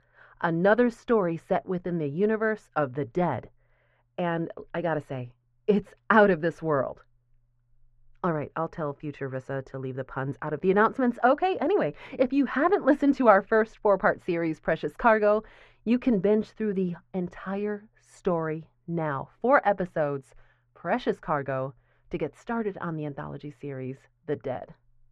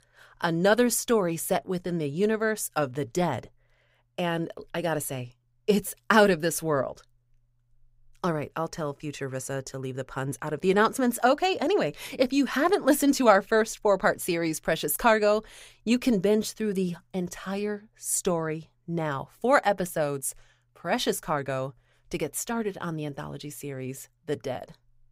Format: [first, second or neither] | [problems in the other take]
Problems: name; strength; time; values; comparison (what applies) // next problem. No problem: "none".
second | muffled; very; fading above 1.5 kHz